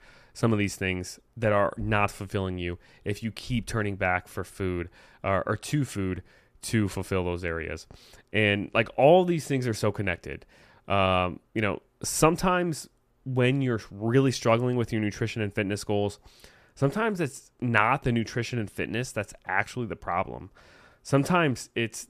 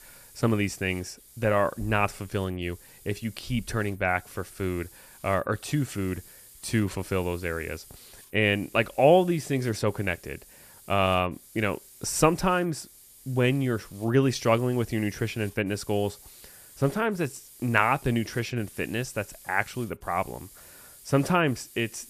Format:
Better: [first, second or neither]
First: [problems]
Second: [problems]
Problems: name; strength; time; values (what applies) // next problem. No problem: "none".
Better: first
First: none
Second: hiss; faint; throughout; 20 dB below the speech